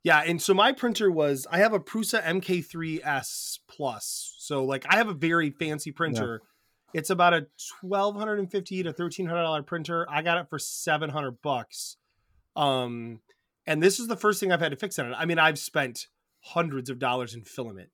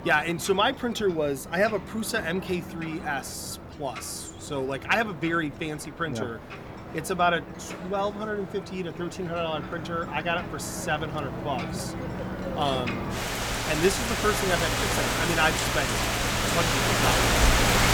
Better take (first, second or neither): first